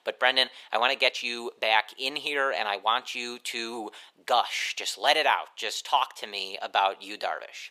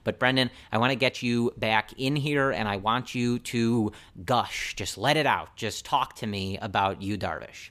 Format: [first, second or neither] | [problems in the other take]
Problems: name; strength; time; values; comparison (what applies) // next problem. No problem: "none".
second | thin; very; fading below 450 Hz